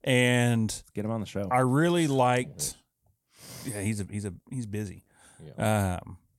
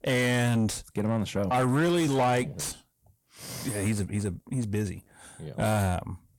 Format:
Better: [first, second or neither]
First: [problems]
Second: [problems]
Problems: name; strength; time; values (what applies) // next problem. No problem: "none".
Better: first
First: none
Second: distortion; heavy; 7 dB below the speech